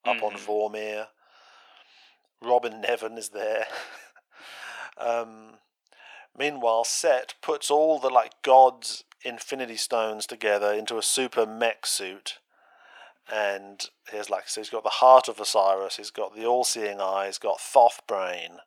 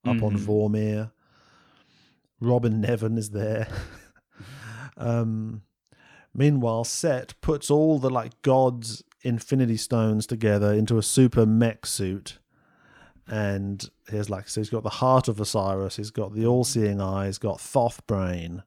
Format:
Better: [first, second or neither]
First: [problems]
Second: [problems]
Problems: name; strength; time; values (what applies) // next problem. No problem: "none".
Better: second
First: thin; very; fading below 500 Hz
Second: none